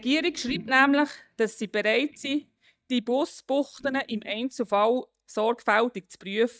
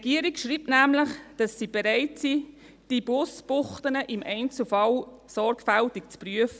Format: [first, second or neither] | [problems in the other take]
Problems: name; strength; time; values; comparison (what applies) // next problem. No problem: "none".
second | noise reduction (neural mask model DeepFilterNet 3)